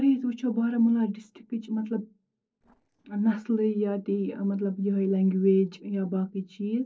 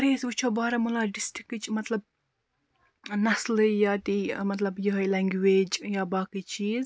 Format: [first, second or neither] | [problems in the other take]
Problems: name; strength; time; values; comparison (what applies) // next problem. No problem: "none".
second | noise reduction (neural separator model SepFormer DNS4)